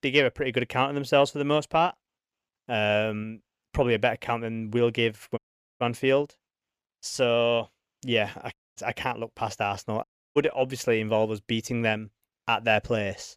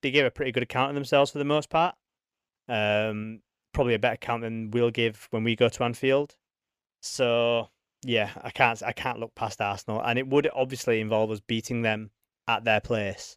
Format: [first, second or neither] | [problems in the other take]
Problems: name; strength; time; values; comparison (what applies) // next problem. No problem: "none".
second | audio cutting out; at 5.5 s, at 8.5 s and at 10 s